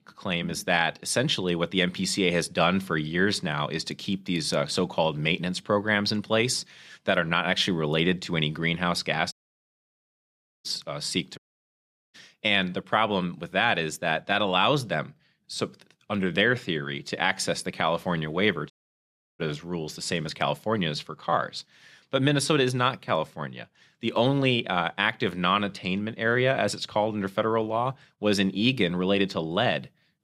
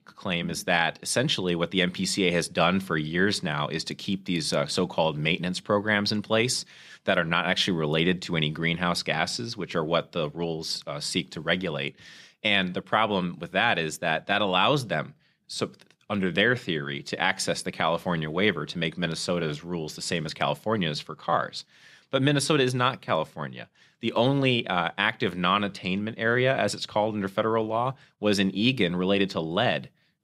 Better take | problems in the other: second | audio cutting out; at 9.5 s for 1.5 s, at 11 s for 1 s and at 19 s for 0.5 s

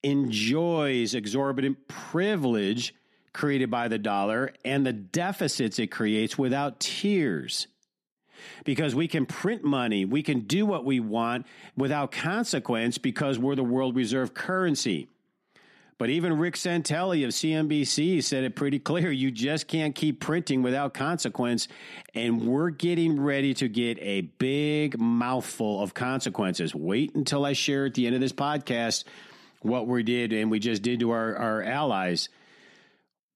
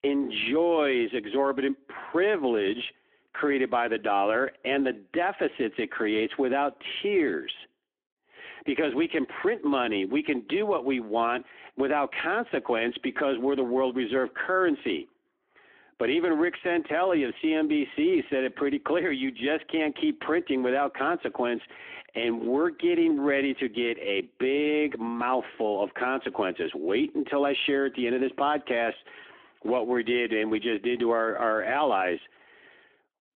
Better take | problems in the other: first | phone-call audio; nothing above 3.5 kHz

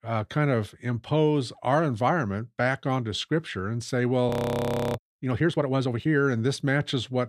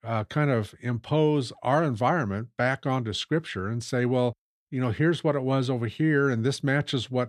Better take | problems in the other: second | audio freezing; at 4.5 s for 0.5 s

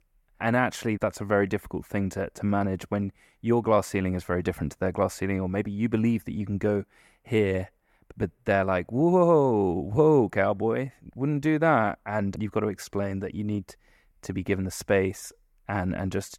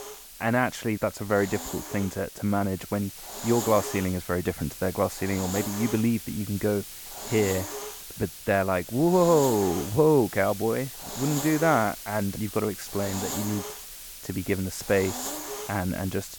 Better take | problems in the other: first | hiss; loud; throughout; 9 dB below the speech

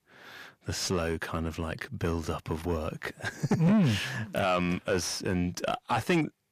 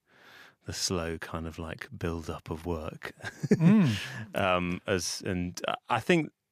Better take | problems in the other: second | distortion; heavy; 8 dB below the speech

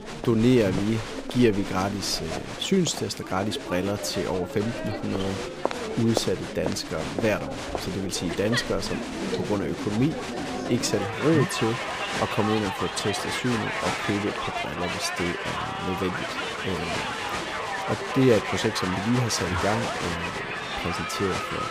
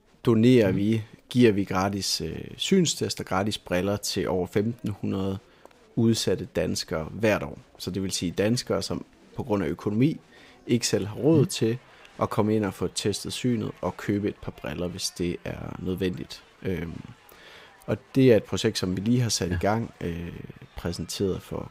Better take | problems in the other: second | crowd noise; loud; throughout; 3 dB below the speech; faint in the second

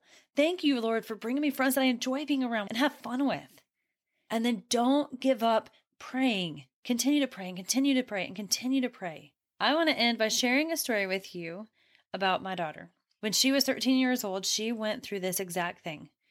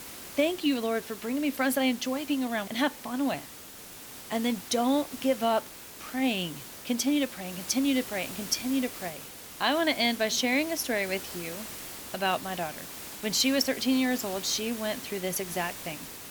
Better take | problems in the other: first | hiss; noticeable; throughout; 10 dB below the speech

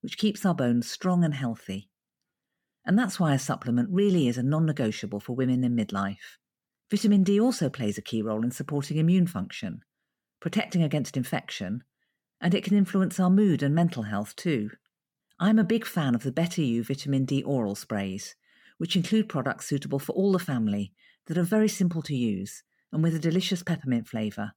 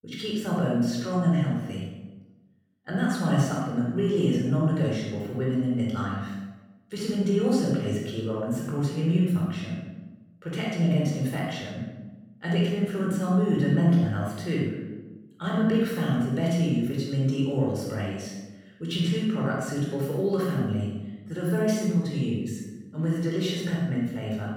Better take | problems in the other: first | off-mic speech; far // room echo; strong; dies away in 1 s

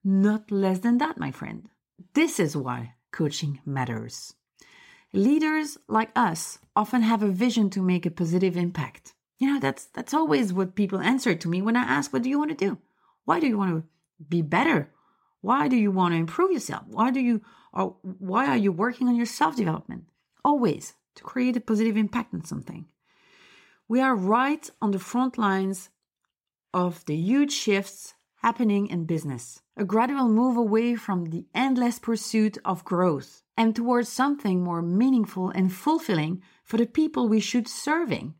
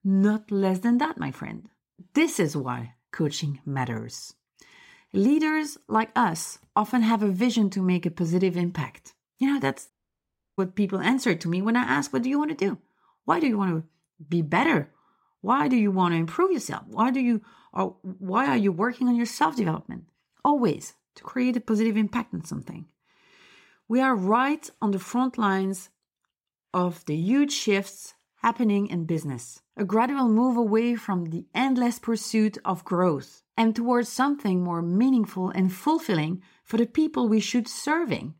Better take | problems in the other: first | audio cutting out; at 10 s for 0.5 s

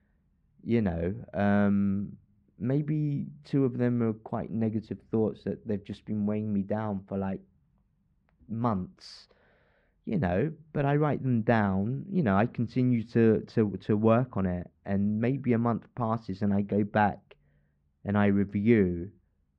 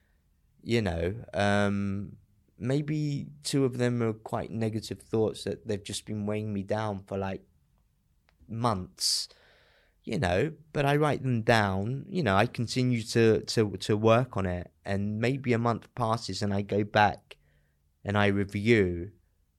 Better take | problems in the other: second | muffled; very; fading above 2 kHz

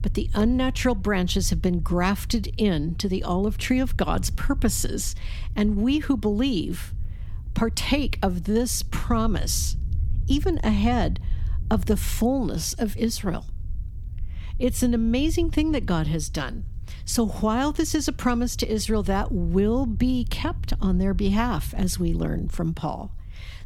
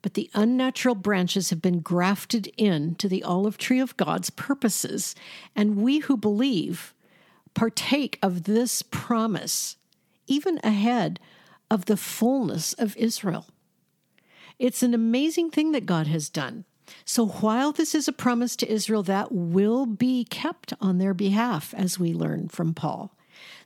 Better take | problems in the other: second | low rumble; faint; throughout; 25 dB below the speech

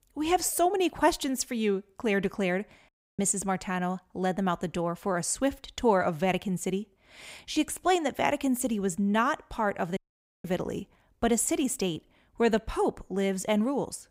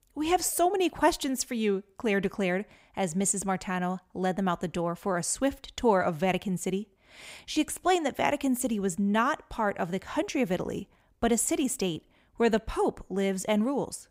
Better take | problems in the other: second | audio cutting out; at 3 s and at 10 s

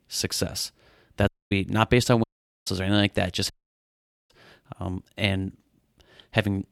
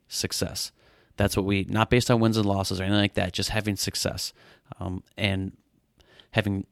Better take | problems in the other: second | audio cutting out; at 1.5 s, at 2 s and at 3.5 s for 1 s

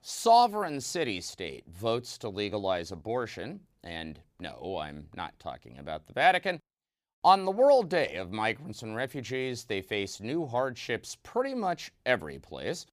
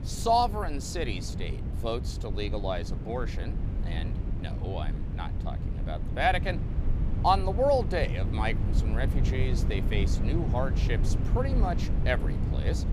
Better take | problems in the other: first | wind noise on the microphone; occasional gusts; 15 dB below the speech

